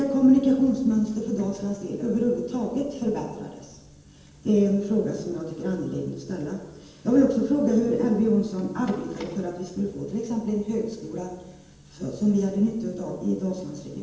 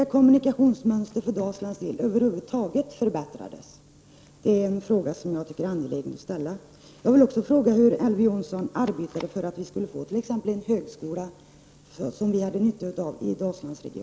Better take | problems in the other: second | room echo; dies away in 0.8 s

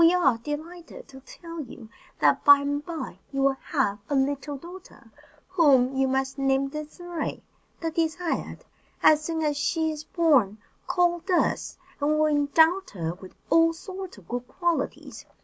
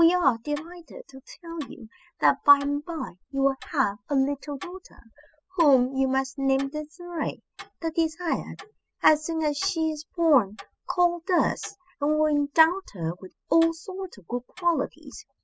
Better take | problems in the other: first | noise reduction (classical method spectral subtraction)

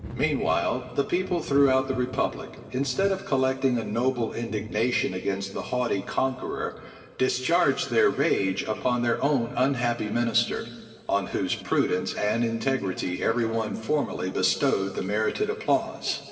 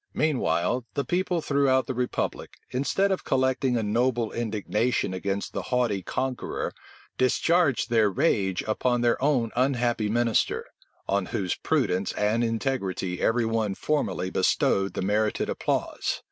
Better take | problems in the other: second | background sound (Thunder / Rain); 20 dB below the speech // room echo; dies away in 2 s

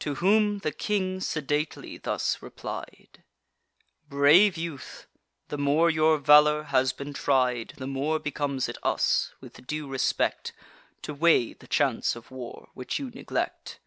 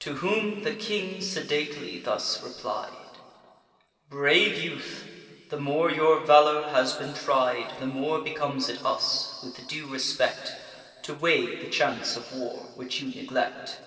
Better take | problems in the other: first | room echo; dies away in 2.4 s

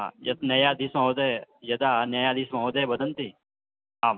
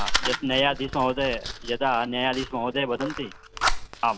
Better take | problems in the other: first | background sound (Fire); 4 dB below the speech

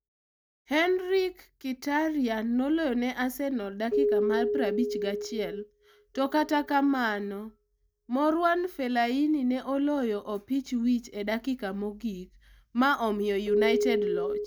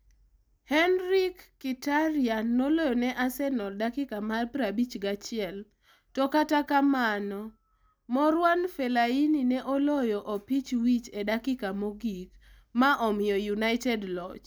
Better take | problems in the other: second | noise reduction (neural mask model DeepFilterNet 3)

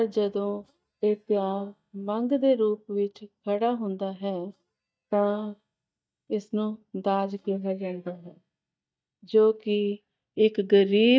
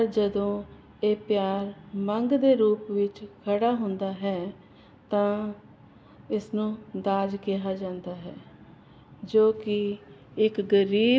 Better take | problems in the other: second | noise reduction (neural mask model DeepFilterNet 3)

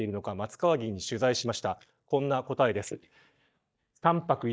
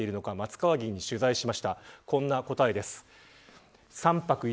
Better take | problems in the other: second | noise reduction (neural mask model DeepFilterNet 3)

